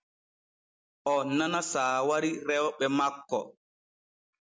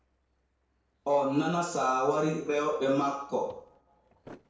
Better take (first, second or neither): first